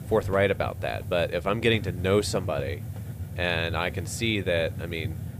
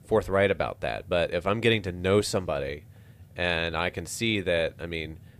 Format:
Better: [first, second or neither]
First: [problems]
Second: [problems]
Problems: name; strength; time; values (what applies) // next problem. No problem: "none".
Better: second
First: hiss; loud; throughout; 9 dB below the speech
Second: hiss; faint; throughout; 25 dB below the speech